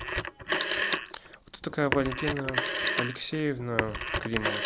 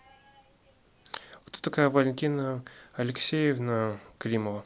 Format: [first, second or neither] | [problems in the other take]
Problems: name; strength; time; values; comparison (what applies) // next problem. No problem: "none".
second | background sound (Telephone); 1 dB above the speech